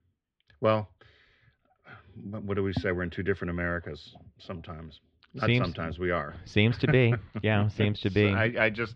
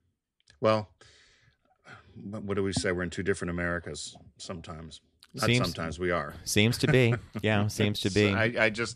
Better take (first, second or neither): second